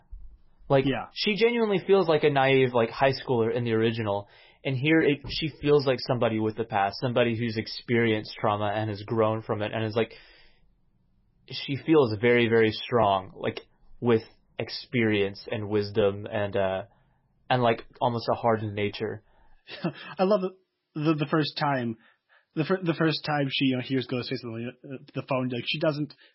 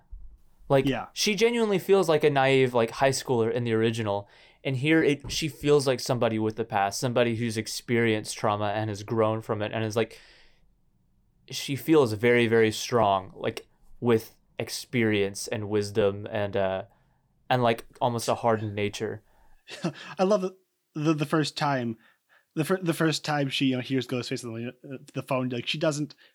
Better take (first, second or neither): second